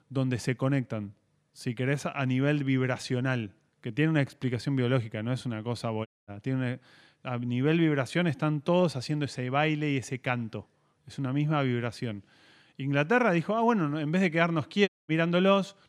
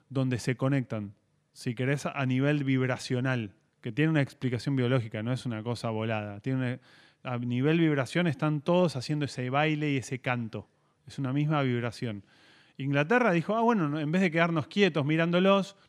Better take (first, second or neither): second